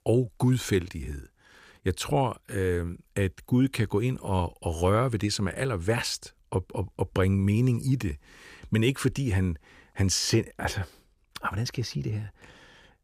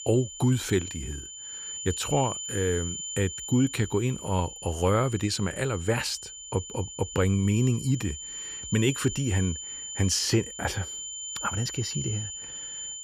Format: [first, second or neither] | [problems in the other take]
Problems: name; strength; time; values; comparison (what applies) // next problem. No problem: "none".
first | high-pitched whine; loud; throughout; 7 kHz, 8 dB below the speech